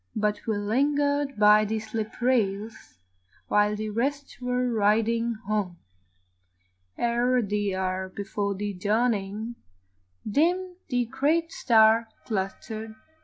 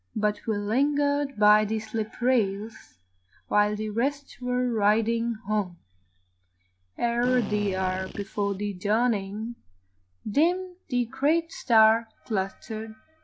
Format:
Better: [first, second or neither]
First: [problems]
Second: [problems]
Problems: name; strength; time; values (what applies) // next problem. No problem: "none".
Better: first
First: none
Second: background sound (Drill); 12 dB below the speech